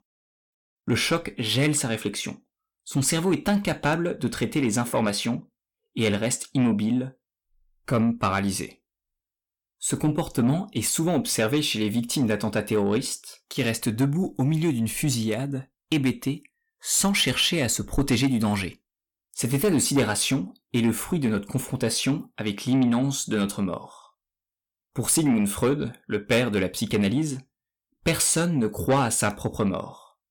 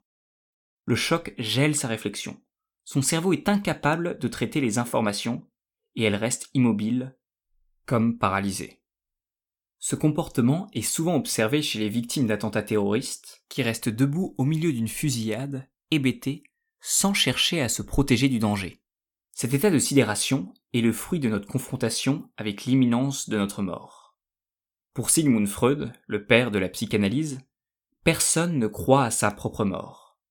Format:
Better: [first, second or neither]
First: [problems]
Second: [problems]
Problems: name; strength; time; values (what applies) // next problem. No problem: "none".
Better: second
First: distortion; slight; 10 dB below the speech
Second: none